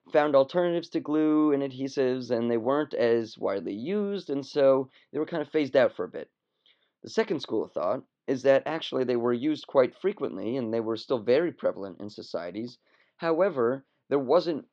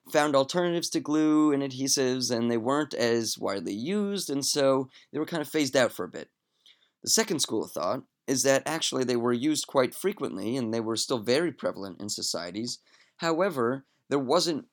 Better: second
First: muffled; very; fading above 3.5 kHz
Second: none

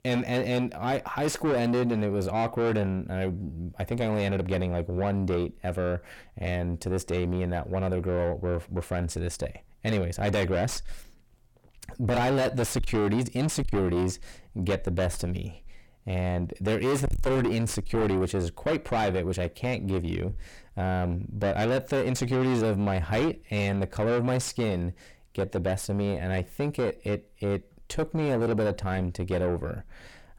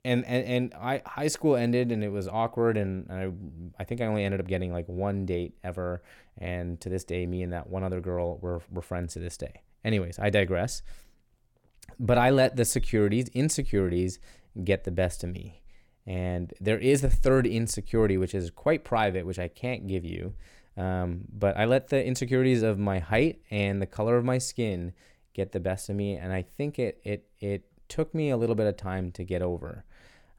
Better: second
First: distortion; heavy; 6 dB below the speech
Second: none

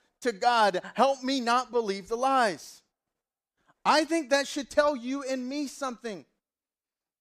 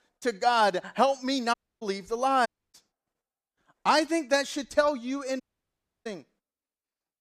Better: first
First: none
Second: audio cutting out; at 1.5 s, at 2.5 s and at 5.5 s for 0.5 s

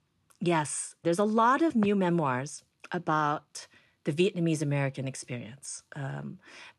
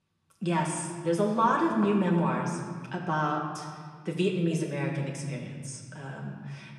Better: first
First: none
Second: room echo; noticeable; dies away in 1.7 s // off-mic speech; far

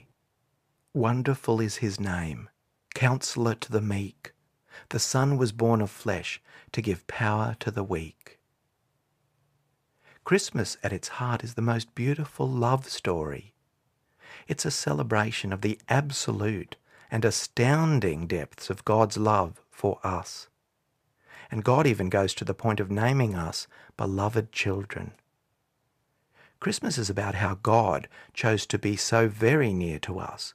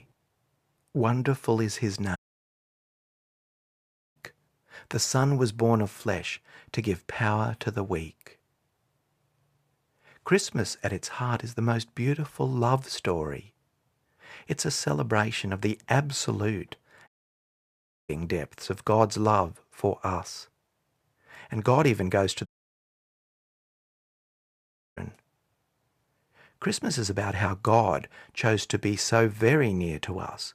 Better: first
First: none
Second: audio cutting out; at 2 s for 2 s, at 17 s for 1 s and at 22 s for 2.5 s

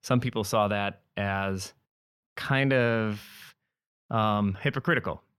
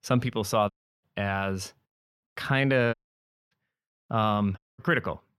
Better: first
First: none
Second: audio cutting out; at 0.5 s, at 3 s for 0.5 s and at 4.5 s

